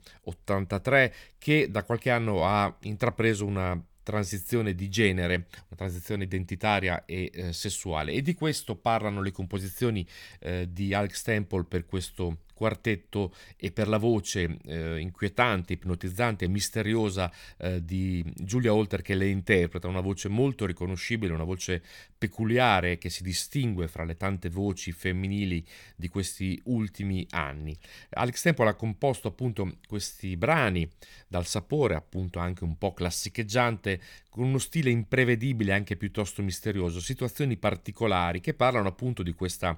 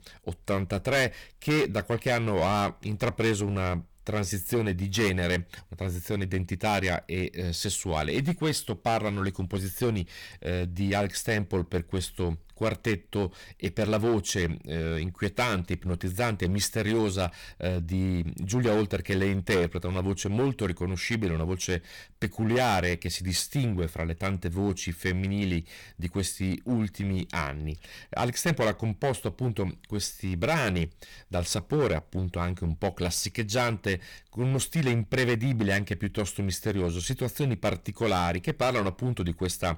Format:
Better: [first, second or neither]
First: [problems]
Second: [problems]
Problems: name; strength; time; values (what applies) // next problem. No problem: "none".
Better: first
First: none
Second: distortion; heavy; 9% of the sound clipped